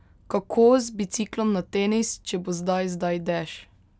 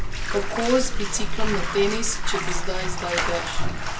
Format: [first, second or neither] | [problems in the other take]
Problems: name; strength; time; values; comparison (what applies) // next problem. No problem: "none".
first | background sound (Bathtub (filling or washing)); 4 dB above the speech // room echo; dies away in 0.2 s